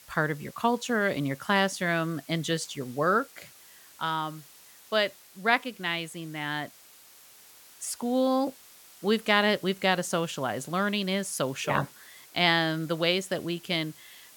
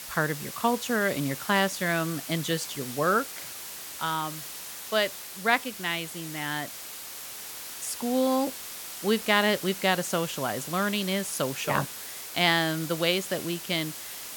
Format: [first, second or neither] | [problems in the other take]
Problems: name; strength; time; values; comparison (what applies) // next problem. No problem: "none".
first | hiss; loud; throughout; 9 dB below the speech; faint in the first